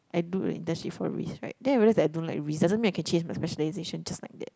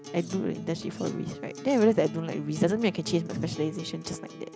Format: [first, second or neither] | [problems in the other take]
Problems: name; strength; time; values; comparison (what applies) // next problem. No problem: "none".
first | background sound (Acoustic guitar); 12 dB below the speech